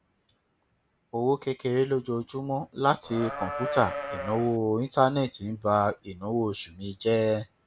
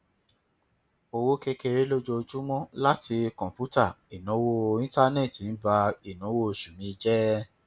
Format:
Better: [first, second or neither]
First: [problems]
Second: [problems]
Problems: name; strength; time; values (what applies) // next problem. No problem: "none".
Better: second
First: background sound (Livestock, farm animals, working animals); 6 dB below the speech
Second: none